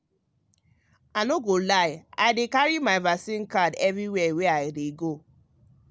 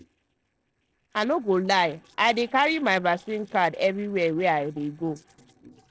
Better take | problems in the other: first | noise reduction (neural separator model SepFormer DNS4)

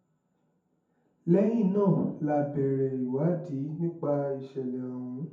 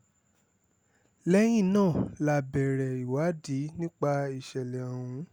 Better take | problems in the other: second | room echo; dies away in 0.6 s

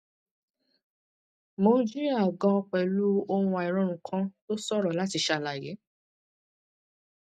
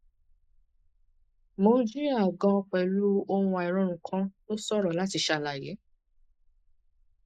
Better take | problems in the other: first | noise reduction (neural mask model Resemble Enhance denoiser)

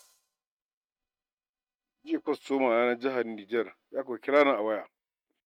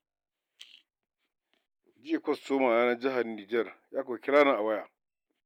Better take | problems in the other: second | noise reduction (neural mask model RNNoise)

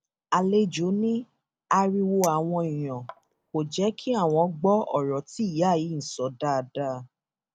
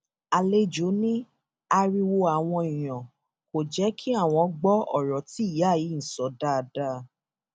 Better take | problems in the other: second | background sound (Chink, clink); 19 dB below the speech

